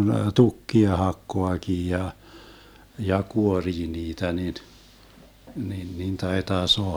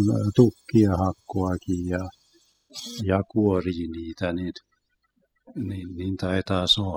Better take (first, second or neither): first